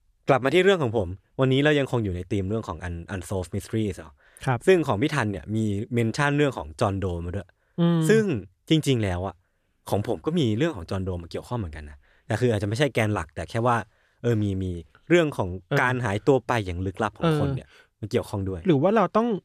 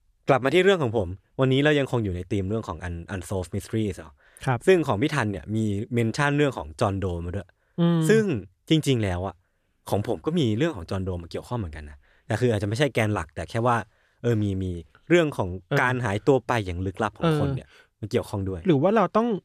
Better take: neither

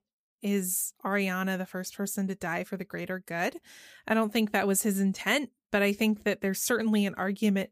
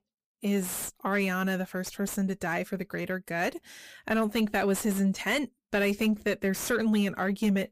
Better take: first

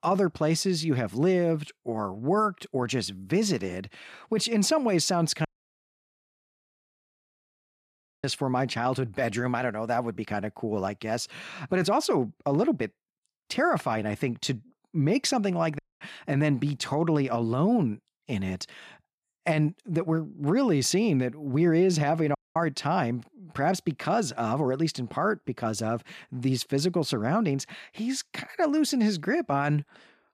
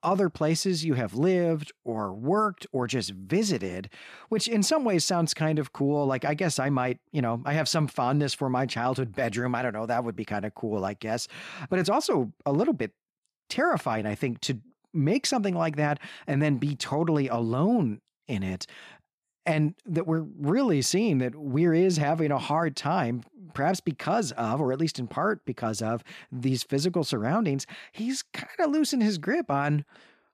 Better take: second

